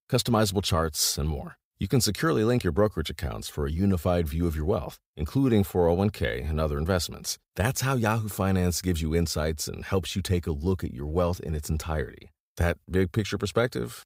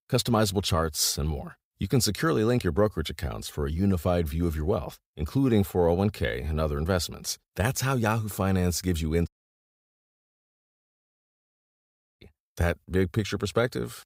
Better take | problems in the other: first | audio cutting out; at 9.5 s for 3 s

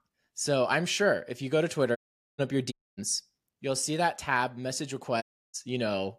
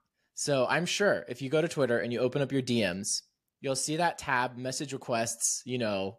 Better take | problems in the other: second | audio cutting out; at 2 s, at 2.5 s and at 5 s

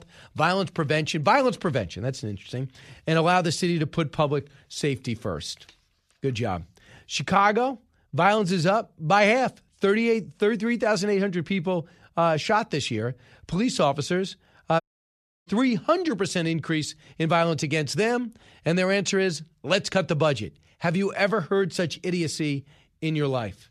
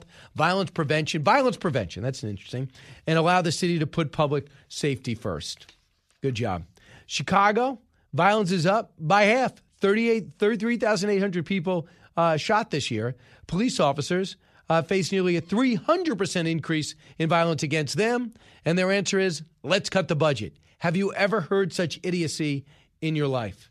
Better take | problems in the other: second | audio cutting out; at 15 s for 0.5 s

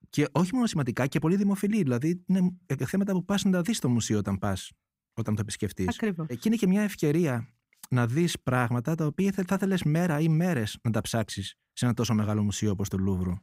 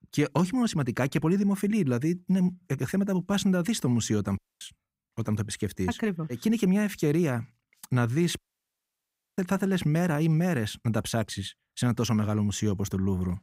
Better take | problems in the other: first | audio cutting out; at 4.5 s and at 8.5 s for 1 s

